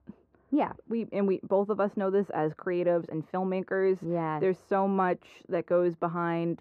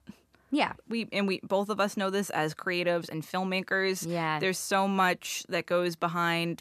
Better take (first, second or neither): second